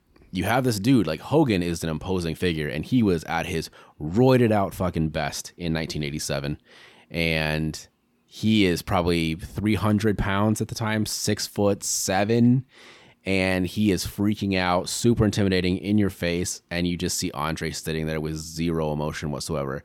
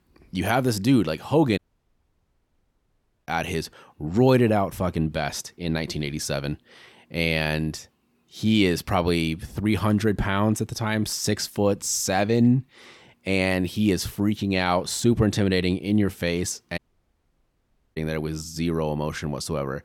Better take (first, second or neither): first